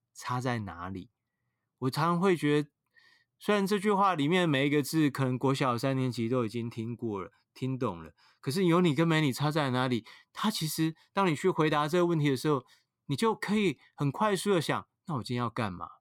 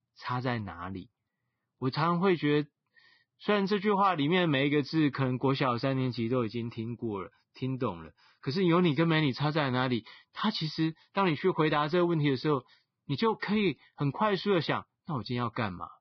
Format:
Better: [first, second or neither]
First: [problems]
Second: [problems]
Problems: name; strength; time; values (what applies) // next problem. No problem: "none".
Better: first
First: none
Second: garbled, watery; badly; nothing above 5 kHz